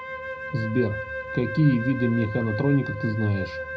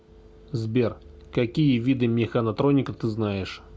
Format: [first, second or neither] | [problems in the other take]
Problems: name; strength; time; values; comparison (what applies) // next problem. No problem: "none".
second | background sound (Wind instrument, woodwind instrument); 9 dB below the speech // room echo; dies away in 0.4 s